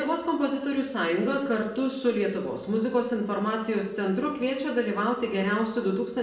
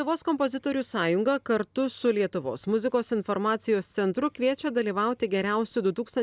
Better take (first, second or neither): second